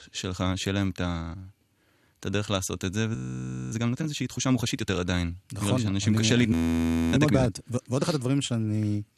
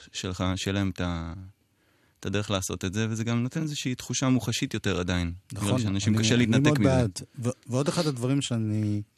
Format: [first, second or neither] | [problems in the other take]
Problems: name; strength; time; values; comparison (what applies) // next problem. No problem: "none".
second | audio freezing; at 3 s for 0.5 s and at 6.5 s for 0.5 s